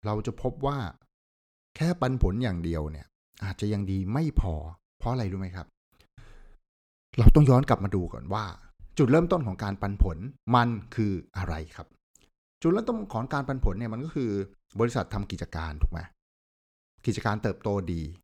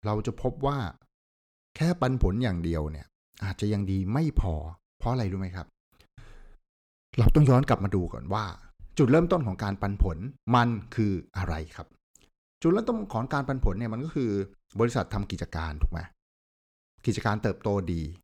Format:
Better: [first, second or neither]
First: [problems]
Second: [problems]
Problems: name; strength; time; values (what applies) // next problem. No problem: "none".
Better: first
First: none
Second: distortion; slight; 10 dB below the speech